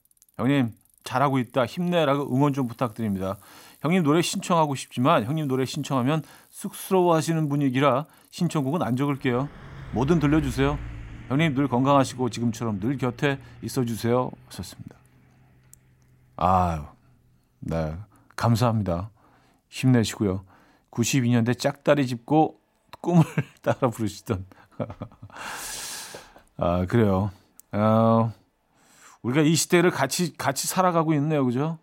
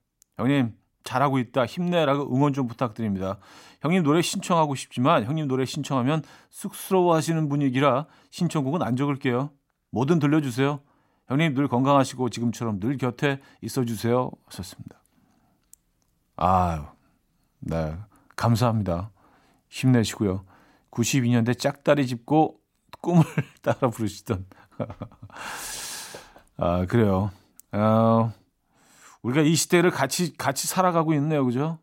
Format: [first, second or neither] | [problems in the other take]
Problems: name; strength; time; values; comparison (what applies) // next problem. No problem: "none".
second | traffic noise; faint; throughout; 20 dB below the speech